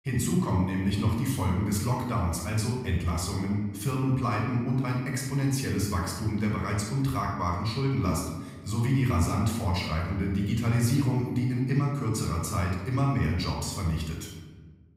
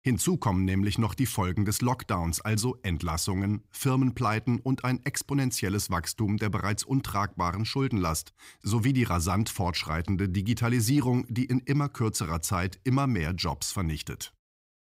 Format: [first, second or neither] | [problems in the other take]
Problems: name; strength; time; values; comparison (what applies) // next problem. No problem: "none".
second | off-mic speech; somewhat distant // room echo; noticeable; dies away in 1.1 s